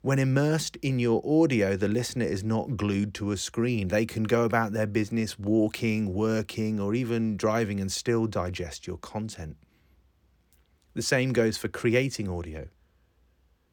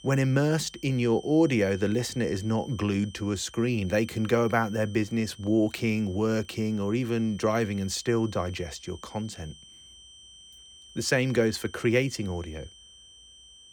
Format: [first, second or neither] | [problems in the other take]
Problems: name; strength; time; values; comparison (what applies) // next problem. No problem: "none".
first | high-pitched whine; faint; throughout; 3 kHz, 20 dB below the speech